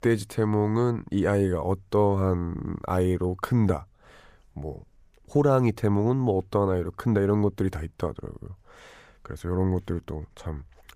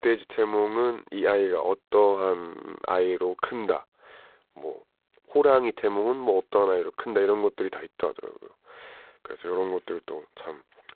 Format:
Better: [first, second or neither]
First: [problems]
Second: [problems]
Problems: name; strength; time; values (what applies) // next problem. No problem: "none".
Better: first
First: none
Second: phone-call audio; poor line; nothing above 4 kHz